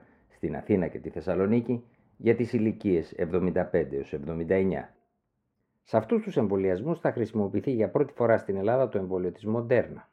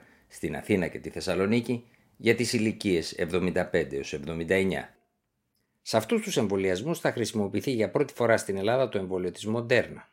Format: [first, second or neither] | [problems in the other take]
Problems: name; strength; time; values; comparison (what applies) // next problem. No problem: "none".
second | muffled; very; fading above 2.5 kHz